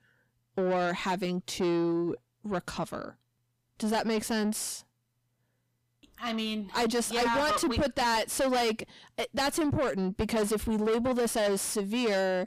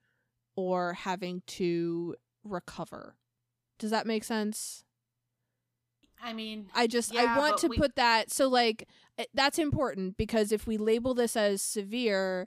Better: second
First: distortion; heavy; 6 dB below the speech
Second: none

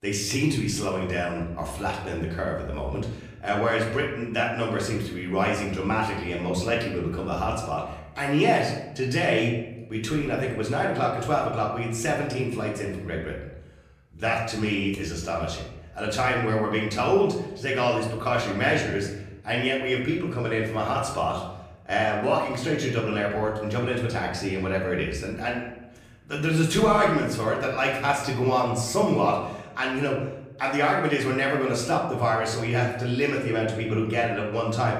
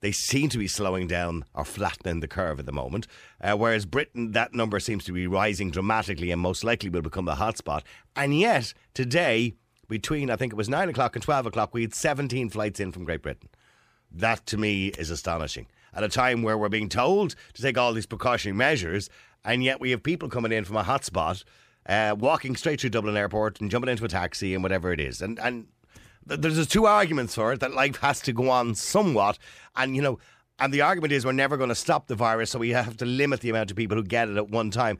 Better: second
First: room echo; noticeable; dies away in 0.8 s // off-mic speech; far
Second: none

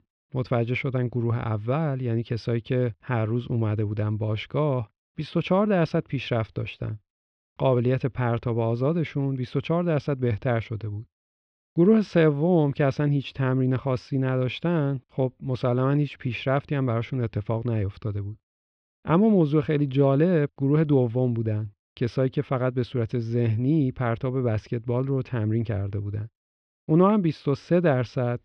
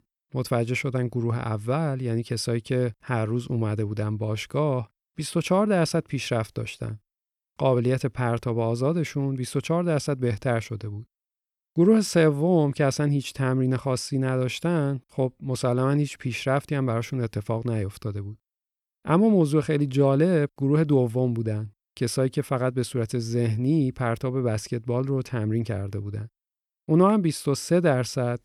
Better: second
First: muffled; slightly; fading above 3.5 kHz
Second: none

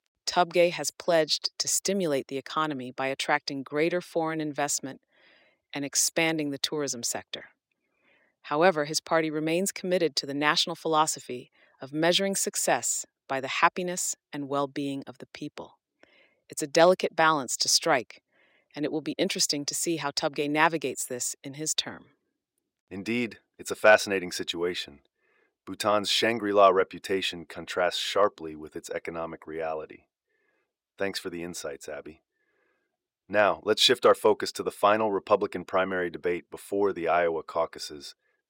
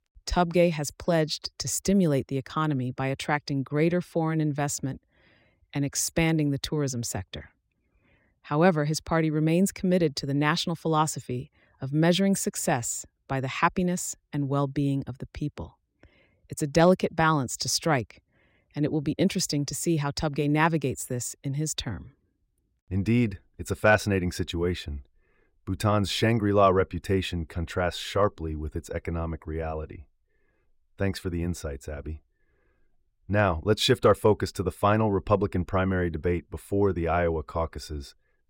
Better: second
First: thin; somewhat; fading below 350 Hz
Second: none

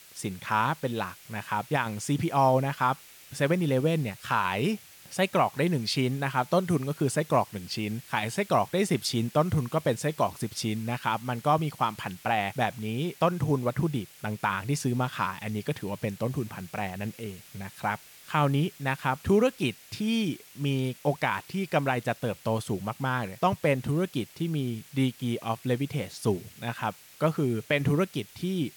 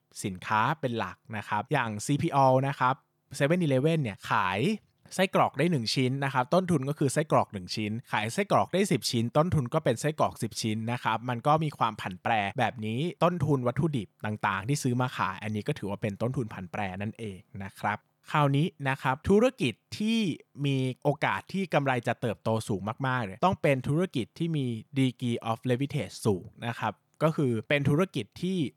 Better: second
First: hiss; faint; throughout; 20 dB below the speech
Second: none

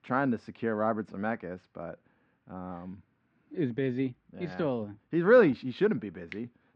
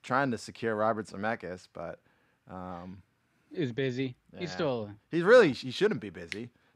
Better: second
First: muffled; slightly; fading above 2.5 kHz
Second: none

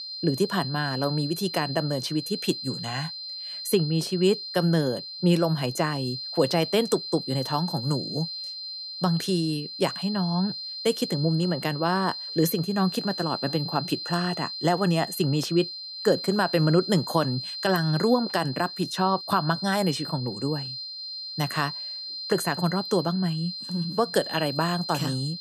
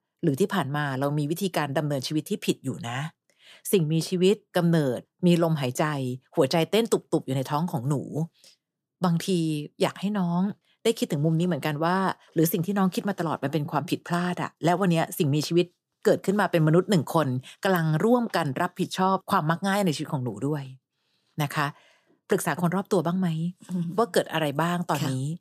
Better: second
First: high-pitched whine; loud; throughout; 4 kHz, 7 dB below the speech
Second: none

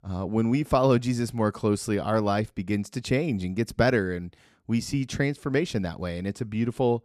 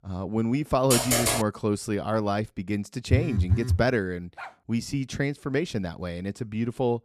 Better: first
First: none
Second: keyboard typing; loud; at 1 s; peak 5 dB above the speech // phone ringing; loud; at 3 s; peak 3 dB above the speech // dog barking; faint; at 4.5 s; peak 15 dB below the speech

